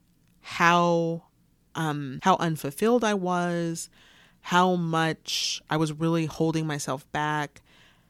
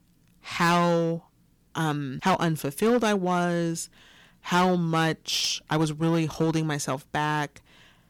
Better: first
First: none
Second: distortion; slight; 6% of the sound clipped

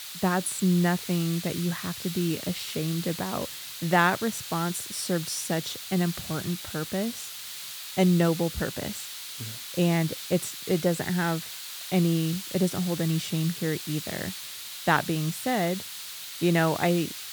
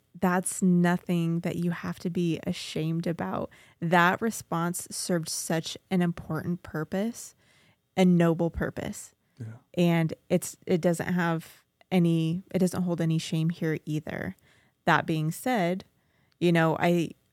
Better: second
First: hiss; loud; throughout; 8 dB below the speech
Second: none

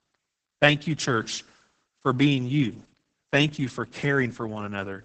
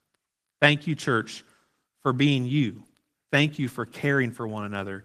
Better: second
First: garbled, watery; badly; nothing above 8 kHz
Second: garbled, watery; slightly; nothing above 14.5 kHz

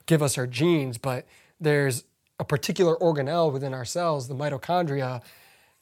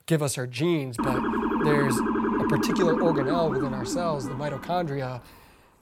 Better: first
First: none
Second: siren; loud; from 1 to 5 s; peak 3 dB above the speech

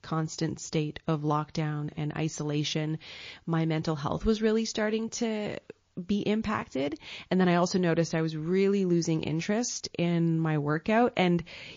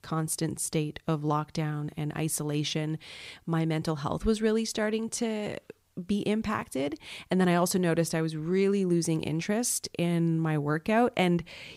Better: second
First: garbled, watery; slightly; nothing above 6.5 kHz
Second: none

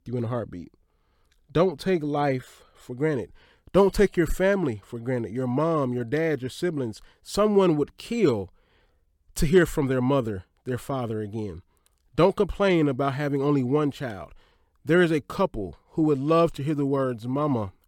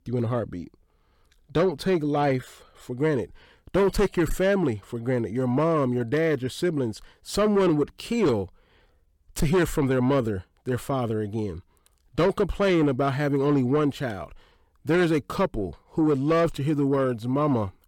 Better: first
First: none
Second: distortion; slight; 10 dB below the speech

